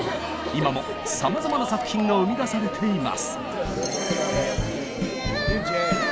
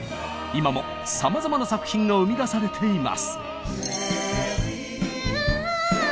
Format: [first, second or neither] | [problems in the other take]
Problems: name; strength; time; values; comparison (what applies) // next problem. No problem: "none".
second | background sound (Chatter); 4 dB below the speech